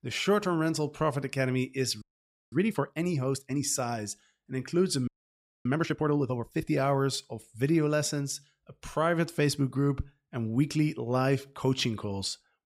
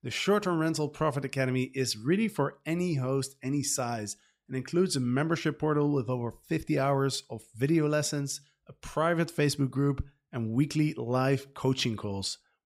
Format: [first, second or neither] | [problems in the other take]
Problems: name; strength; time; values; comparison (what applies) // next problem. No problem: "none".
second | audio freezing; at 2 s for 0.5 s and at 5 s for 0.5 s